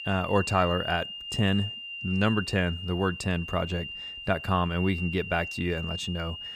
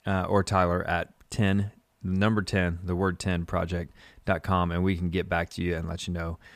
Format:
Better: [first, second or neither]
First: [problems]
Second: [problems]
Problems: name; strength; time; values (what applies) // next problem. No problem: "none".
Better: second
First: high-pitched whine; loud; throughout; 3 kHz, 7 dB below the speech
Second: none